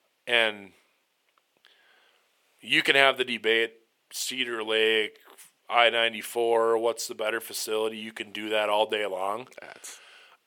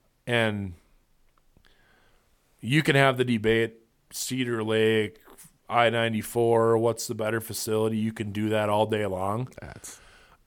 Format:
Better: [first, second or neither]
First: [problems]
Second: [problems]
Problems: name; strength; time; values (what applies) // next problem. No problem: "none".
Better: second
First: thin; somewhat; fading below 450 Hz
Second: none